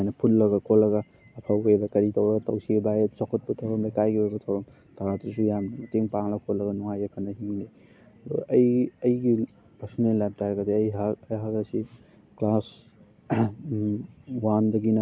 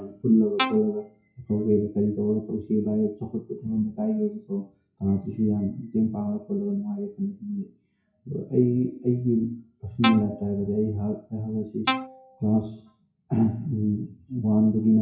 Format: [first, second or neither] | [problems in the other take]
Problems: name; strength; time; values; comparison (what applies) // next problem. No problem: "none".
first | noise reduction (classical method WPE with log-MMSE)